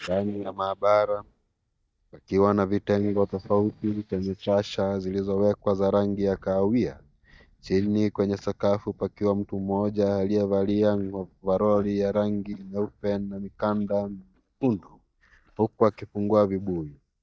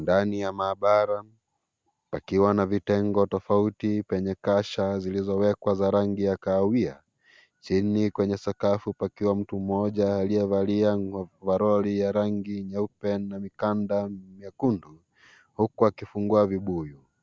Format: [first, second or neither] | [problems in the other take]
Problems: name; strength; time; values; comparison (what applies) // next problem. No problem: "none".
second | noise reduction (neural mask model DeepFilterNet 3)